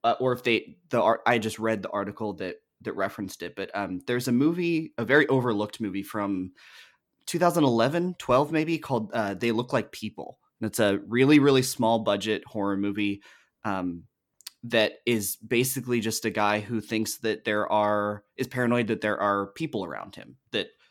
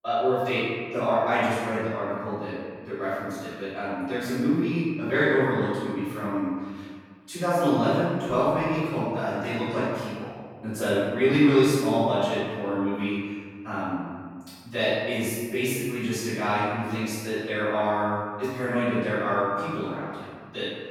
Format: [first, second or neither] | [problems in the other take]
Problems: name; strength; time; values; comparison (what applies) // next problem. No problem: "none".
first | off-mic speech; far // room echo; strong; dies away in 1.6 s